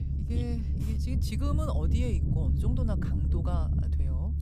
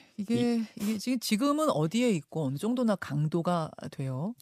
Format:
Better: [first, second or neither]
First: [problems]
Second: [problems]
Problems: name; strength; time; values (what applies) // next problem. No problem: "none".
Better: second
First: low rumble; loud; throughout; 2 dB below the speech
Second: none